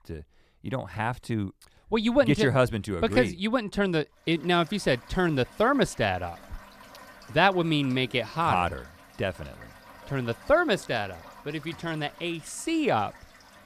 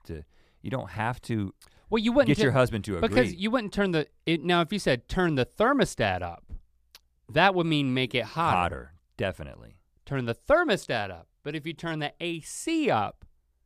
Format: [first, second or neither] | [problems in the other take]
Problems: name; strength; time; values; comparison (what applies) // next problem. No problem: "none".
second | household noises; faint; from 4.5 s on; 20 dB below the speech